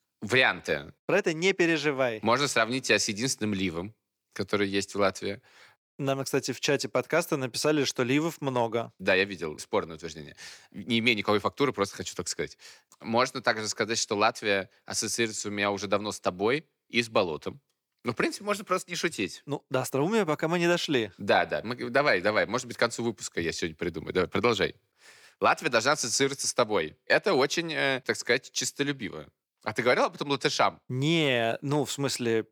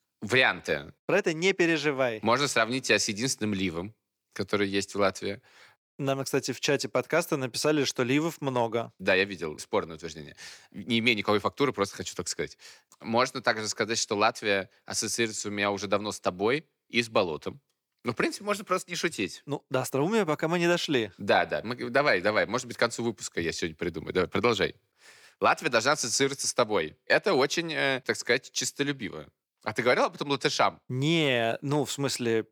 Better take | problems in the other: neither | thin; very slightly; fading below 900 Hz; the same in both

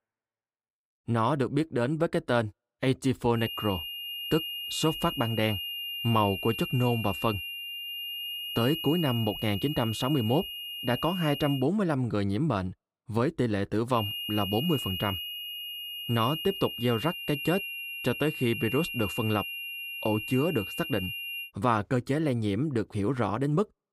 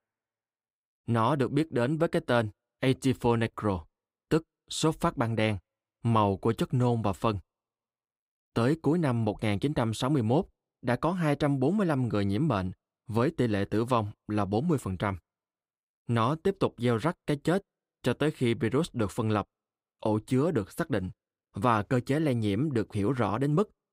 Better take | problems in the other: second | high-pitched whine; loud; from 3.5 to 12 s and from 14 to 21 s; 3 kHz, 5 dB below the speech

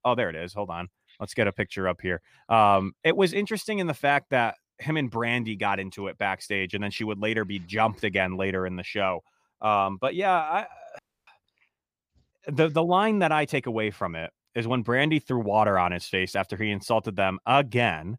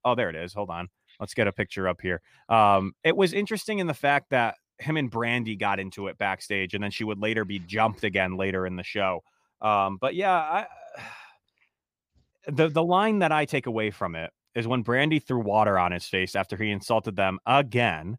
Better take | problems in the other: second | audio cutting out; at 11 s

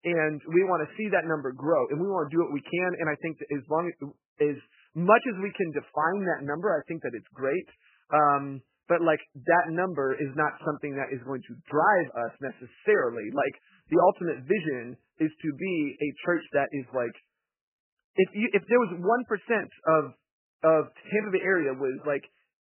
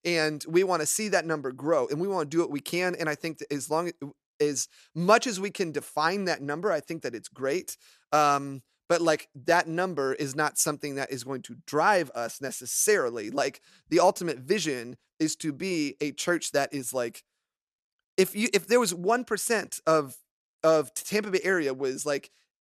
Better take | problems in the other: second | garbled, watery; badly; nothing above 3 kHz

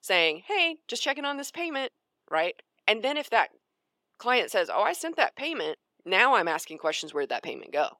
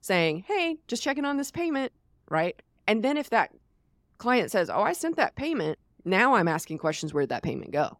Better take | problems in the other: second | thin; somewhat; fading below 500 Hz

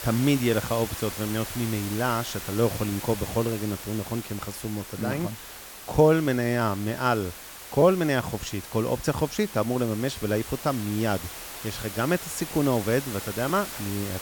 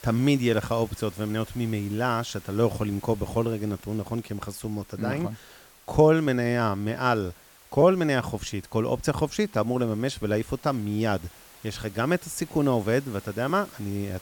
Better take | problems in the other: second | hiss; loud; throughout; 10 dB below the speech; faint in the second

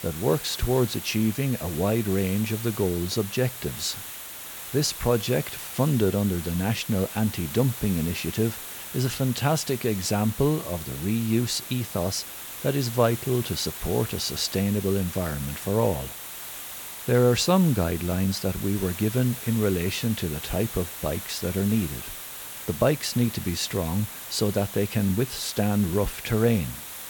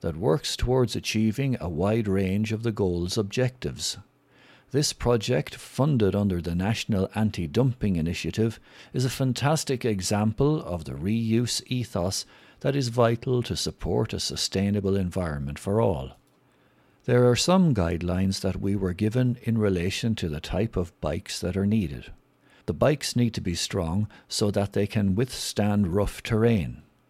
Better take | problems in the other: second | hiss; loud; throughout; 9 dB below the speech

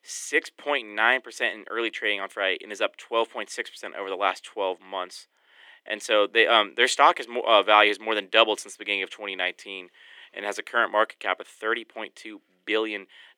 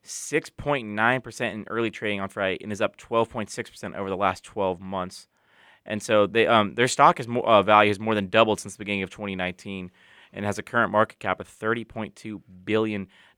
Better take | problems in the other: second | thin; somewhat; fading below 300 Hz

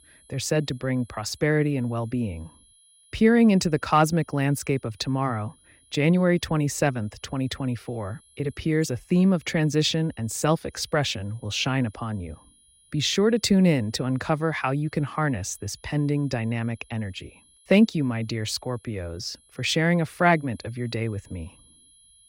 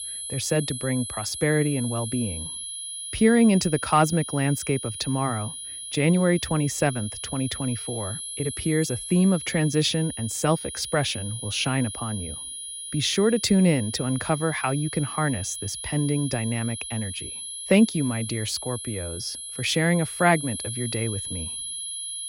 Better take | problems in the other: first | high-pitched whine; loud; throughout; 10.5 kHz, 7 dB below the speech; faint in the first

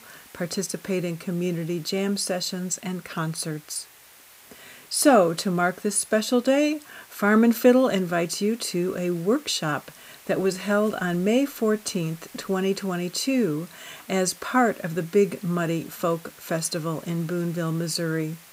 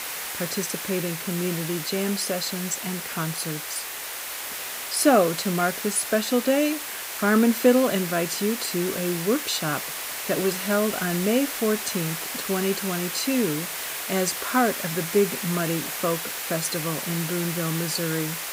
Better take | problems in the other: first | hiss; loud; throughout; 4 dB below the speech; faint in the first

